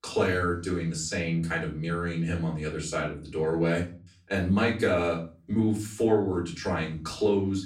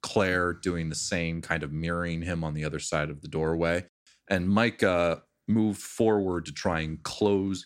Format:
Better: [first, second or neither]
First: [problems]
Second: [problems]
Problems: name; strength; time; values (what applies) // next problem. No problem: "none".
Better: second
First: room echo; slight; dies away in 0.4 s // off-mic speech; far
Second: none